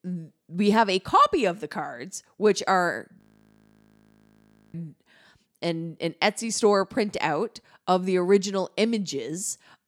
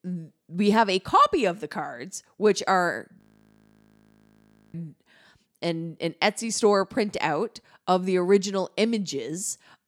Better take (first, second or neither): neither